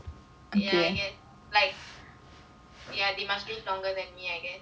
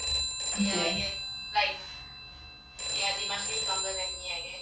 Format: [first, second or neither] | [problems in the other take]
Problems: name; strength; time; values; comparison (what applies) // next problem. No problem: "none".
first | background sound (Telephone); as loud as the speech // room echo; dies away in 0.3 s